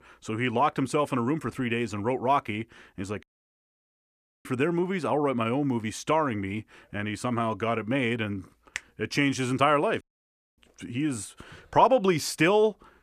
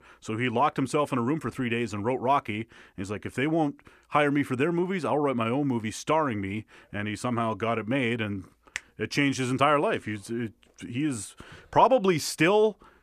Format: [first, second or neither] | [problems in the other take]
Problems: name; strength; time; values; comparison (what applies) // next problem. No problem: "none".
second | audio cutting out; at 3 s for 1 s and at 10 s for 0.5 s